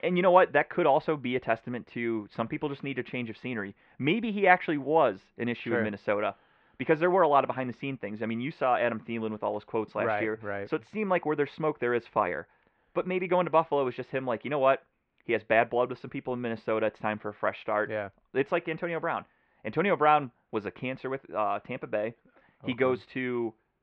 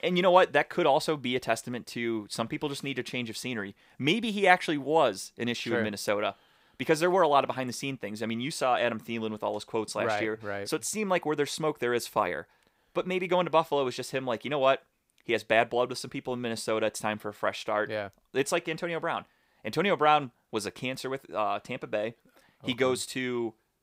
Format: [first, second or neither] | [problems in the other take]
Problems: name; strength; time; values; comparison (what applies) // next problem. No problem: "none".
second | muffled; very; fading above 2.5 kHz